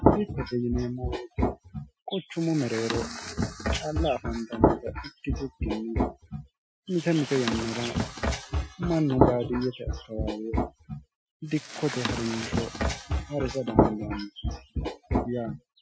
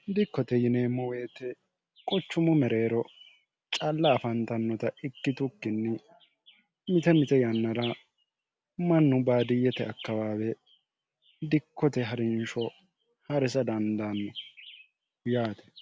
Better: second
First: noise reduction (classical method Wiener filter)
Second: none

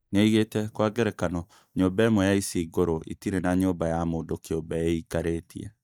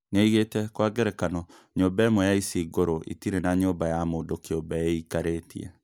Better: second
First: noise reduction (neural mask model DeepFilterNet 3)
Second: none

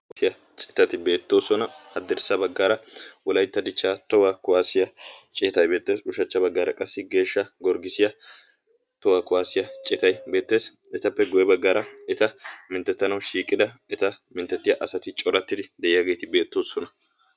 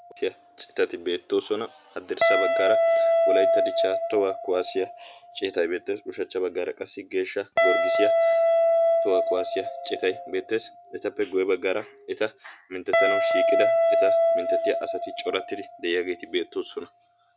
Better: first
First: none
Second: background sound (Guitar); 4 dB above the speech

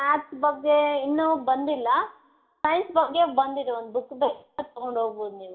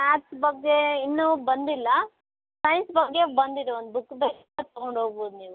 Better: second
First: room echo; dies away in 0.5 s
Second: none

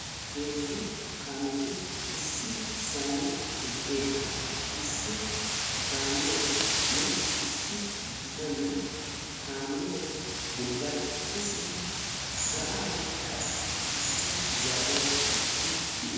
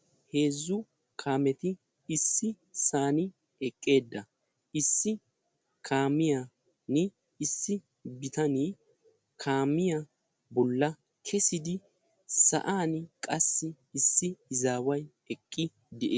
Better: second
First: background sound (Wind); 4 dB above the speech // room echo; dies away in 1.9 s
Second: none

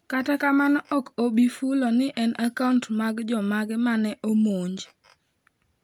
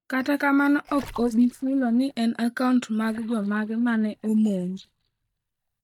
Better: first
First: none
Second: noise reduction (neural mask model DeepFilterNet 3)

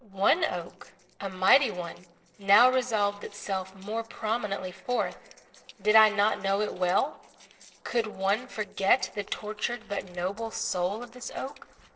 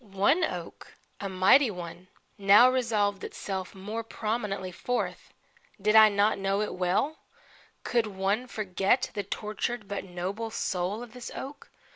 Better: second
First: noise reduction (neural separator model SepFormer DNS4)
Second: none

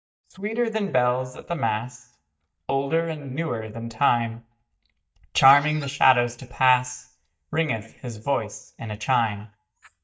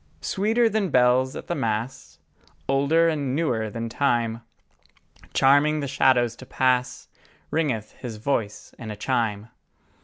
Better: second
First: noise reduction (neural mask model DeepFilterNet 3)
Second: none

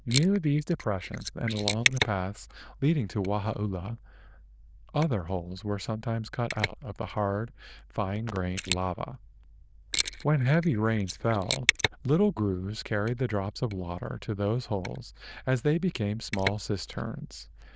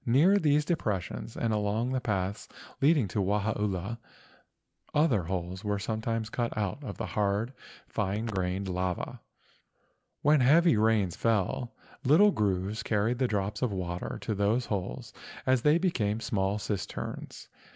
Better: second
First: noise reduction (neural diffusion model UNIVERSE++)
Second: none

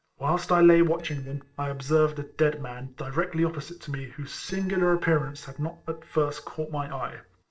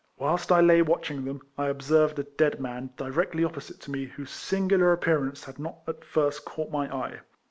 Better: second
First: noise reduction (neural separator model SepFormer DNS4)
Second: none

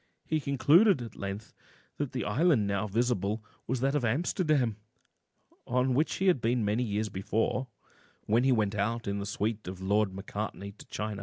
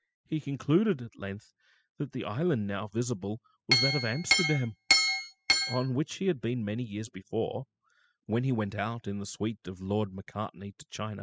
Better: first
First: none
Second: noise reduction (classical method spectral subtraction)

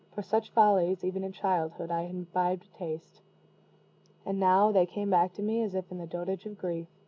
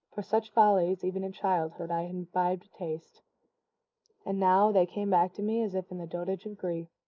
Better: first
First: none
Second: noise reduction (neural mask model Resemble Enhance denoiser)

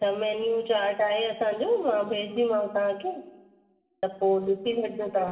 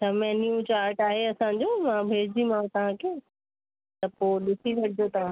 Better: second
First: room echo; dies away in 1 s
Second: none

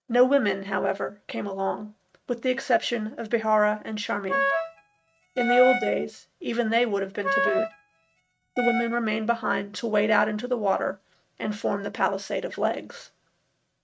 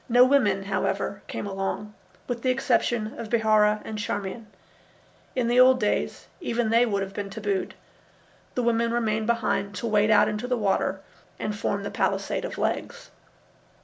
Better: second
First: noise reduction (neural mask model RNNoise)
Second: none

